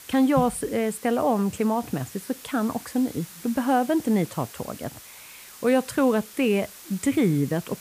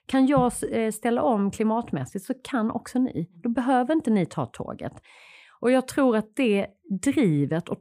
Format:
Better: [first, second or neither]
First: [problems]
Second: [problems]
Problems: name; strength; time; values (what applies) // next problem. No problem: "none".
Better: second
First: hiss; noticeable; throughout; 15 dB below the speech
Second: none